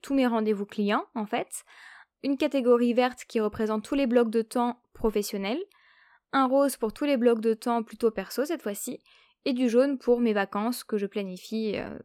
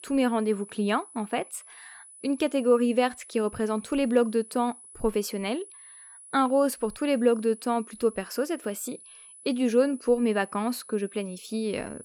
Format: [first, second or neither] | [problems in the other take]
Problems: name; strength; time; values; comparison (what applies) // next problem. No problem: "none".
first | high-pitched whine; noticeable; throughout; 10 kHz, 20 dB below the speech